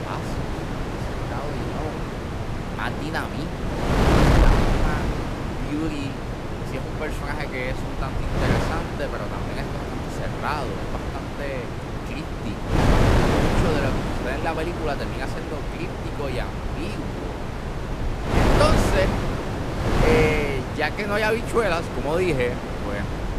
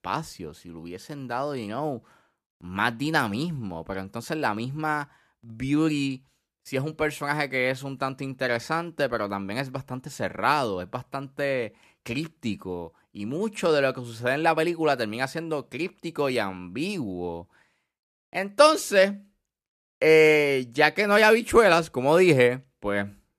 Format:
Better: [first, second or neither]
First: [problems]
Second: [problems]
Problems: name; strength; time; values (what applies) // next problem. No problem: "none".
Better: second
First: wind noise on the microphone; heavy; as loud as the speech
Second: none